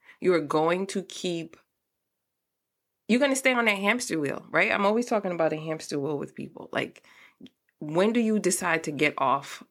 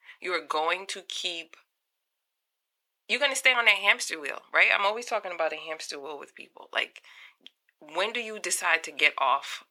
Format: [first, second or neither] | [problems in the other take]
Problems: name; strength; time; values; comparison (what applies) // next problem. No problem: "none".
first | thin; very; fading below 800 Hz